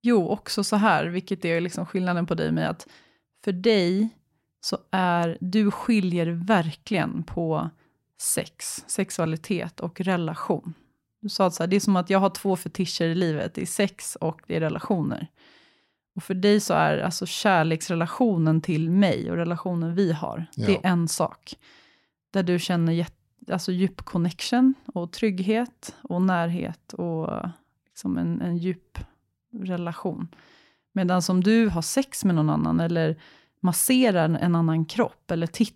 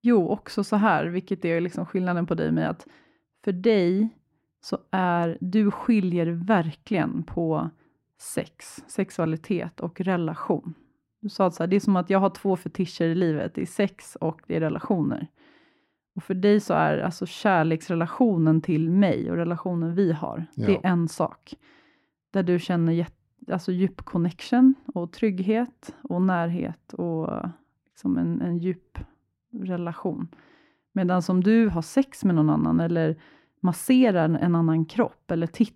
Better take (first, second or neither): first